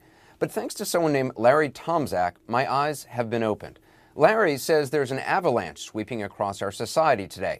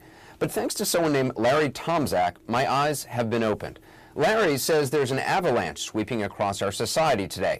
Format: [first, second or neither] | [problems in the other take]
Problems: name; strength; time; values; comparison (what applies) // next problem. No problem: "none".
first | distortion; heavy; 7 dB below the speech